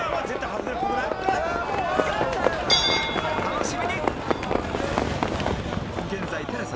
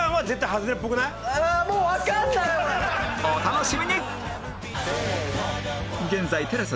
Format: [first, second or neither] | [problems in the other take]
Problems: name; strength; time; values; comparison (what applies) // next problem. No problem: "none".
second | background sound (Livestock, farm animals, working animals); 5 dB above the speech